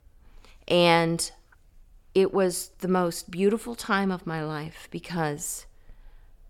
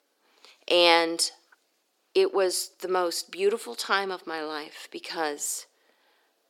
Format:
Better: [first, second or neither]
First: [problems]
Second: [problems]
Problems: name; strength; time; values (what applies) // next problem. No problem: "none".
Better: first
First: none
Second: thin; very; fading below 300 Hz